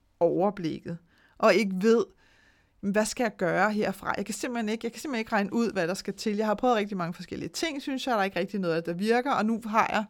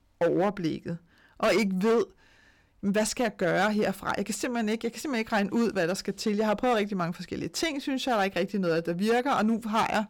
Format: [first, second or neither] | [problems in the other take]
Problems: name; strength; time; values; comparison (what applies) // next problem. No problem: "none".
first | distortion; slight; 6% of the sound clipped